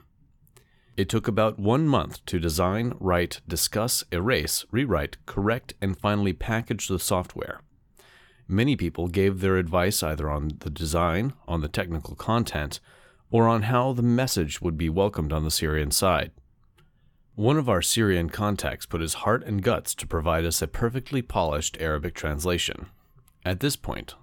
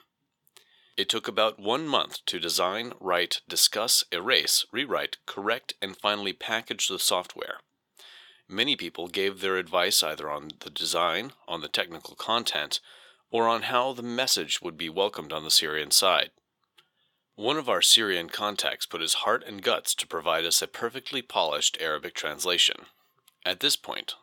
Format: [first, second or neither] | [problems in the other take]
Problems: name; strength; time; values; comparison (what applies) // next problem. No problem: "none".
first | thin; somewhat; fading below 450 Hz